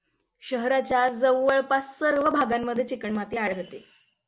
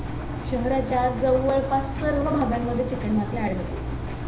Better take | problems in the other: first | background sound (Engine); 5 dB below the speech // room echo; dies away in 0.5 s

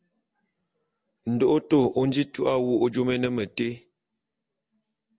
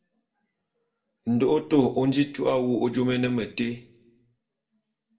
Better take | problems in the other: first | room echo; dies away in 0.4 s

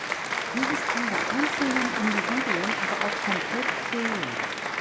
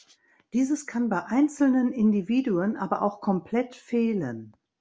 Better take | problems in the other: second | background sound (Applause); 4 dB above the speech

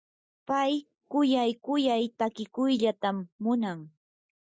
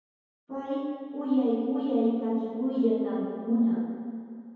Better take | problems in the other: first | room echo; dies away in 2.2 s

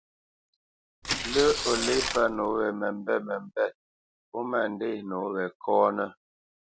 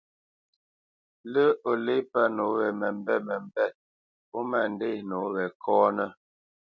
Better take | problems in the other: second | background sound (Tearing); 3 dB below the speech

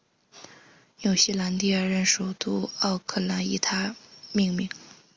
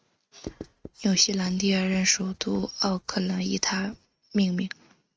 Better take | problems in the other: first | noise reduction (neural mask model RNNoise)

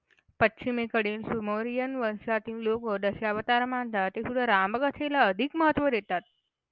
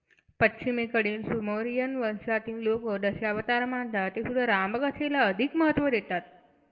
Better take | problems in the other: first | room echo; dies away in 0.8 s

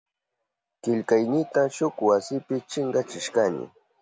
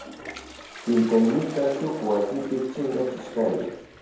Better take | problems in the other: first | background sound (Toilet flush); 15 dB below the speech // room echo; dies away in 0.9 s

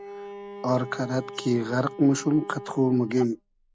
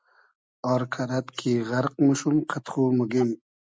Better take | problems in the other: second | background sound (Bowed string instrument); 15 dB below the speech

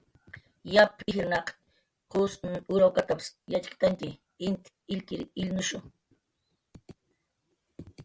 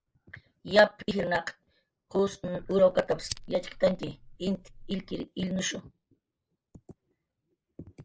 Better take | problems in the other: first | noise reduction (neural mask model Resemble Enhance denoiser)

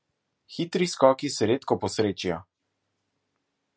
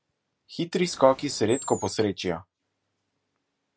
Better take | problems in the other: first | background sound (Animal); 16 dB below the speech

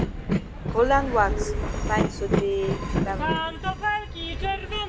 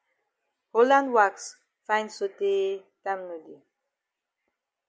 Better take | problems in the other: second | background sound (Train); 2 dB above the speech

